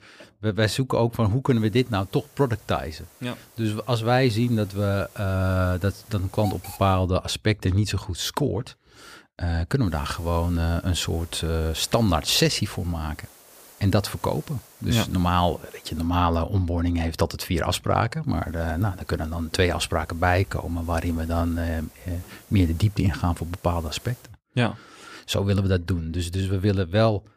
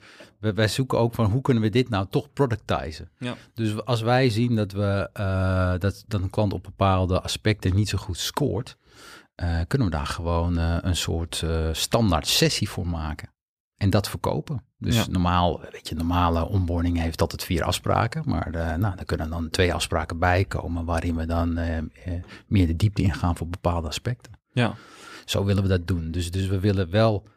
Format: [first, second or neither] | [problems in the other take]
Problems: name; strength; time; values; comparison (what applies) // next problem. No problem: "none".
second | hiss; faint; from 1.5 to 7 s, from 10 to 16 s and from 18 to 24 s; 20 dB below the speech